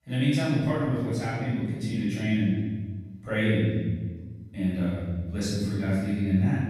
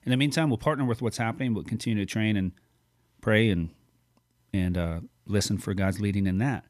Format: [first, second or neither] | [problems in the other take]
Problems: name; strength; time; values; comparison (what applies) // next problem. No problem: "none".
second | room echo; strong; dies away in 1.7 s // off-mic speech; far